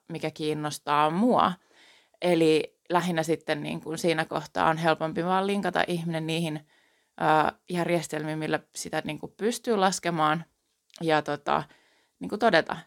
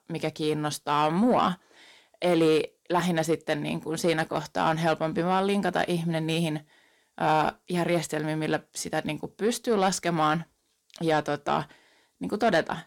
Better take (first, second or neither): first